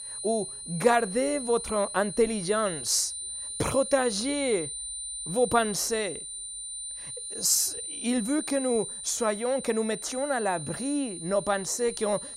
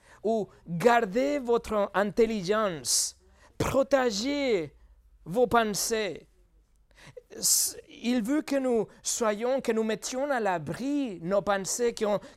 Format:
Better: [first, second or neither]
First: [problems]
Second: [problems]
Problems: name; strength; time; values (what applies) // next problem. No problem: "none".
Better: second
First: high-pitched whine; loud; throughout; 9 kHz, 7 dB below the speech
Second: none